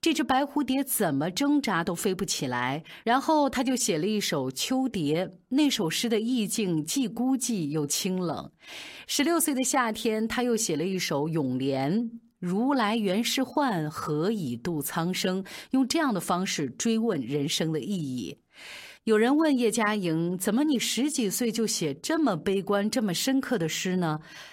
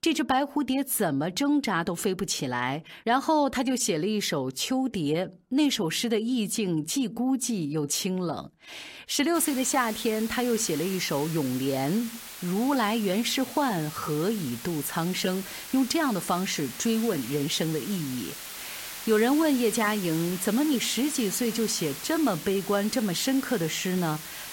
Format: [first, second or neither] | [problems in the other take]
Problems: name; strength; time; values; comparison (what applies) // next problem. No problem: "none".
first | hiss; noticeable; from 9.5 s on; 10 dB below the speech